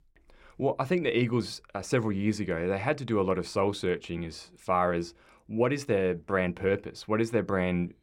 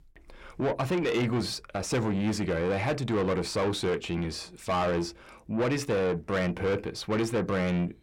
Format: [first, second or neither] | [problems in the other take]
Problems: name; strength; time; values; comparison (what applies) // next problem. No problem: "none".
first | distortion; heavy; 7 dB below the speech